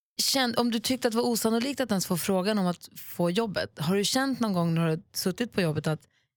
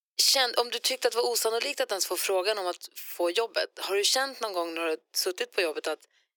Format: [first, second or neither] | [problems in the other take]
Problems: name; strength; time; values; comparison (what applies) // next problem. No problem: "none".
first | thin; very; fading below 350 Hz